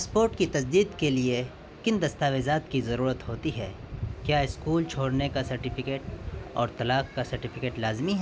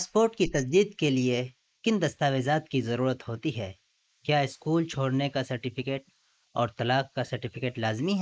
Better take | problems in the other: first | noise reduction (neural mask model Resemble Enhance denoiser)

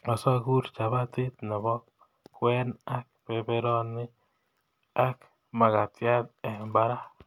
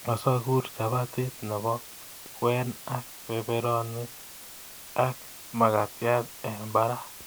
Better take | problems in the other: first | background sound (Water); 16 dB below the speech

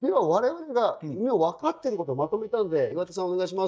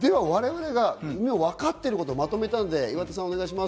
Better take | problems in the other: second | noise reduction (neural mask model DeepFilterNet 3)

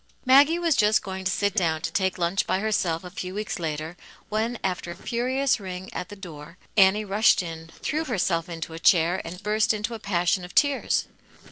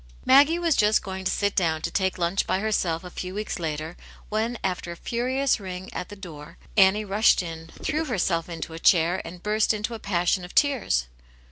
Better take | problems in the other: second | noise reduction (neural separator model SepFormer DNS4)

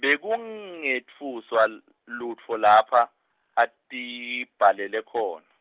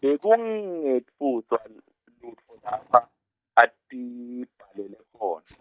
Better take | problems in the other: first | noise reduction (neural mask model DeepFilterNet 3)

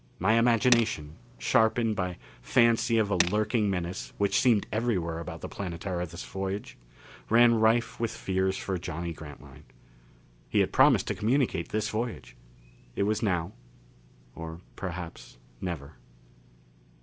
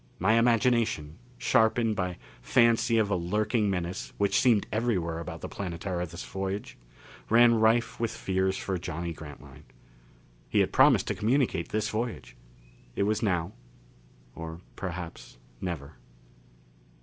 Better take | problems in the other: second | background sound (Tools); 8 dB below the speech

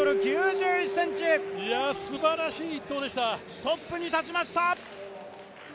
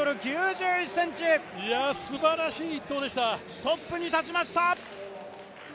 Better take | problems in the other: second | background sound (Keyboard (musical)); 5 dB below the speech

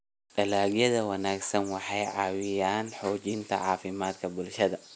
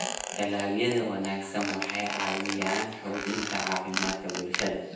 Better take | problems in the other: first | background sound (Squeak); 4 dB below the speech // room echo; dies away in 0.9 s

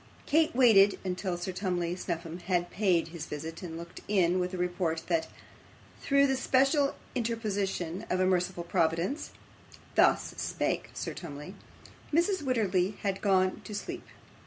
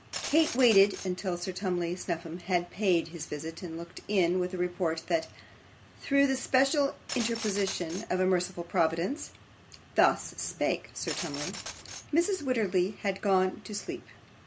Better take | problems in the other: first | background sound (Glass); 12 dB below the speech

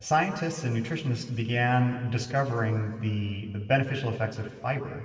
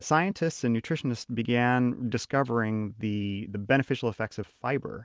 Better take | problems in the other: second | room echo; dies away in 2.1 s

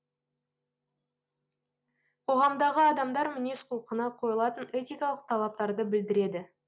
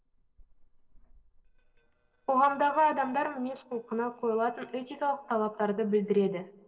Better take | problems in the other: first | noise reduction (neural separator model SepFormer DNS4)

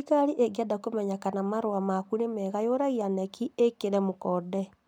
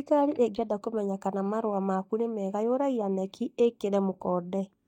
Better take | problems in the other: first | noise reduction (neural mask model DeepFilterNet 3)

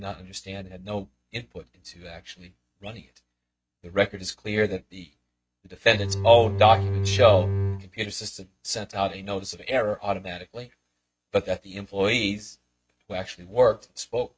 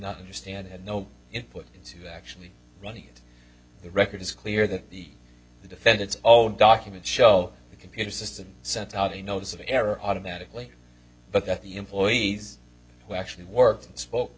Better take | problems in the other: second | noise reduction (neural mask model RNNoise)

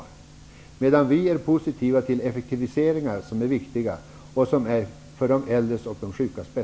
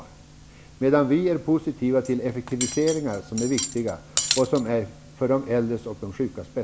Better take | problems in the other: first | background sound (Cutlery, silverware); 7 dB below the speech

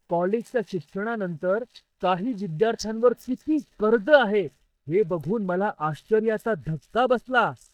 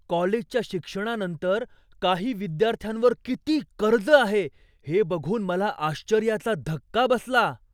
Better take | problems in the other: second | noise reduction (neural mask model DeepFilterNet 3)

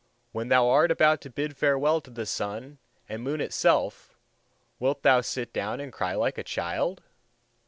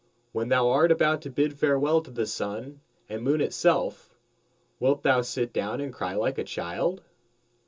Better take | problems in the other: first | room echo; dies away in 0.2 s

